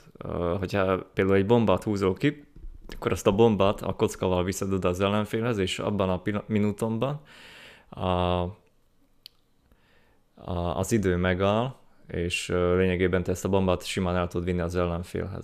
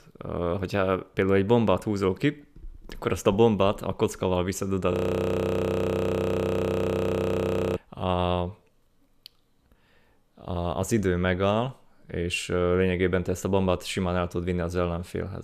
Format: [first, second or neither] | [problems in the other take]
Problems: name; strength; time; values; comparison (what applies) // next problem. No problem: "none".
first | audio freezing; at 5 s for 3 s